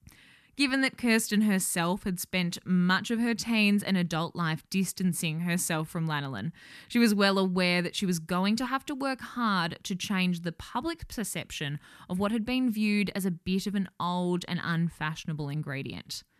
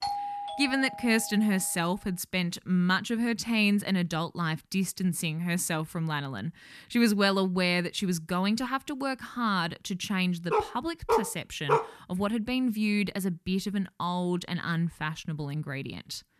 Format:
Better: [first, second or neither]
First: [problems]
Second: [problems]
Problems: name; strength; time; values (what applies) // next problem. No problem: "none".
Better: first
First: none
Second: doorbell; noticeable; until 1.5 s; peak 3 dB below the speech // dog barking; loud; from 11 to 12 s; peak 1 dB above the speech